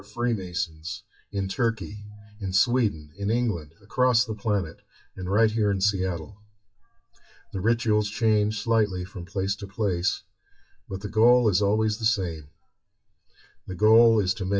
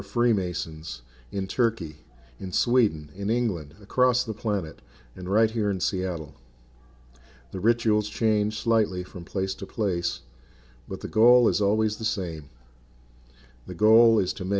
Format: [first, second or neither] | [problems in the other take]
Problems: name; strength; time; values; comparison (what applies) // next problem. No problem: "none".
second | noise reduction (classical method WPE with log-MMSE)